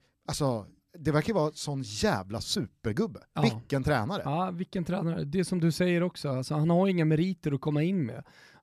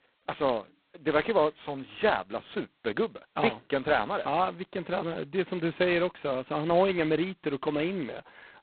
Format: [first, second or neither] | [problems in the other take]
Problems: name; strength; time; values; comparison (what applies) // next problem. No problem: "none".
first | phone-call audio; poor line; nothing above 4 kHz